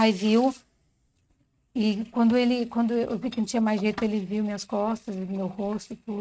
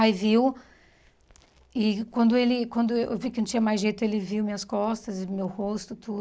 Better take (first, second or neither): second